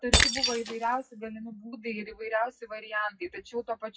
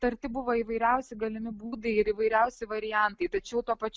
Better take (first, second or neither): second